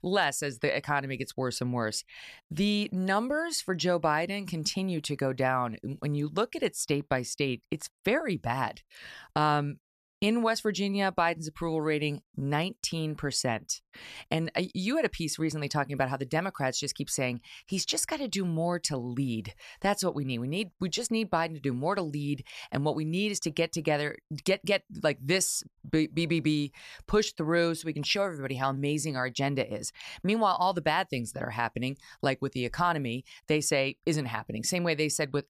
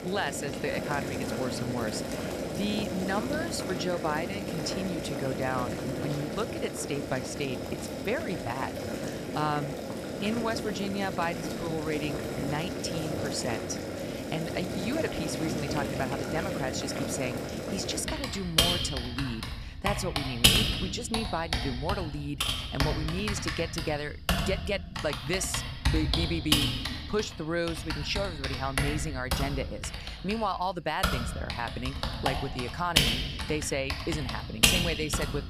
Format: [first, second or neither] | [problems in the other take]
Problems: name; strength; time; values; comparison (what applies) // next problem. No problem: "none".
first | household noises; very loud; throughout; 2 dB above the speech